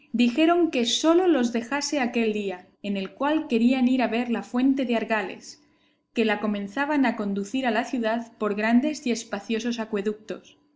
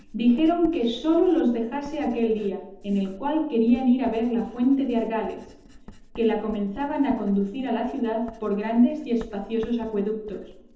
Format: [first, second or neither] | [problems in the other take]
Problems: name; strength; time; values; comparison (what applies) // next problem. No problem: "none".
first | background sound (Writing); 20 dB below the speech // room echo; dies away in 0.8 s